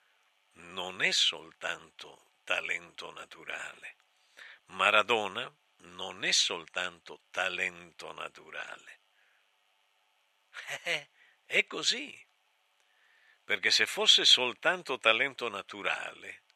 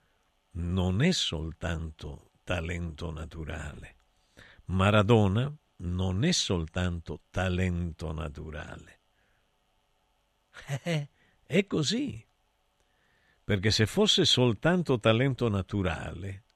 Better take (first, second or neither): second